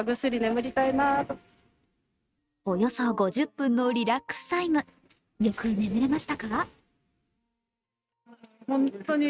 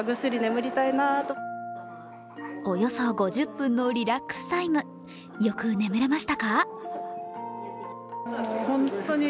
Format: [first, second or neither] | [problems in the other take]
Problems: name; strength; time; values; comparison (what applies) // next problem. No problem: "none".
second | noise reduction (neural mask model RNNoise)